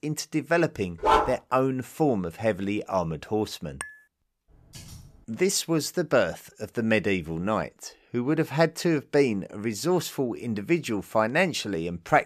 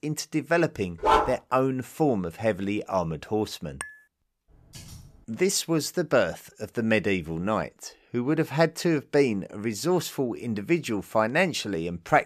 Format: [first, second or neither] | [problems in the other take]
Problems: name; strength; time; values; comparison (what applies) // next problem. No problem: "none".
neither | dog barking; loud; at 1 s; peak 4 dB above the speech; the same in both // clattering dishes; faint; at 4 s; peak 15 dB below the speech; the same in both // keyboard typing; faint; at 4.5 s; peak 20 dB below the speech; the same in both